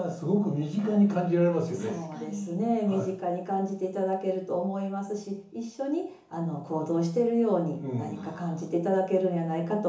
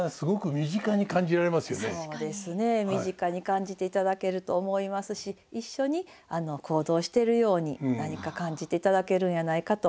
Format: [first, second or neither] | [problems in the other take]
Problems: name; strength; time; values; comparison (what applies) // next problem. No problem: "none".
second | room echo; dies away in 0.8 s